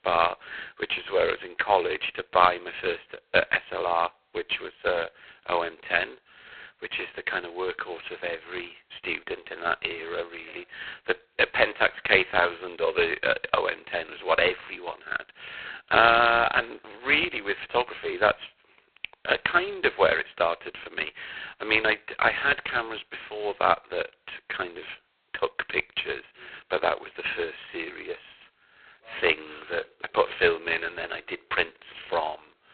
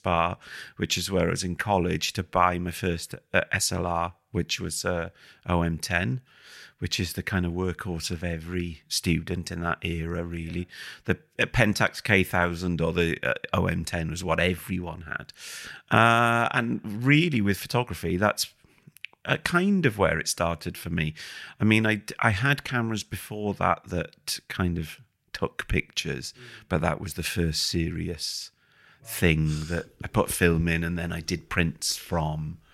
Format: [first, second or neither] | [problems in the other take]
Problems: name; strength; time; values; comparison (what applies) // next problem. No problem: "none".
second | phone-call audio; poor line; nothing above 4 kHz